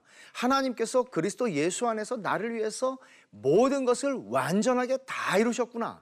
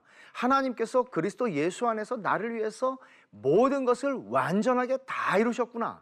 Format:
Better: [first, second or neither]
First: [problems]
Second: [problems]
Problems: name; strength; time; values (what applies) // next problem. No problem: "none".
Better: first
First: none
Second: muffled; slightly; fading above 4 kHz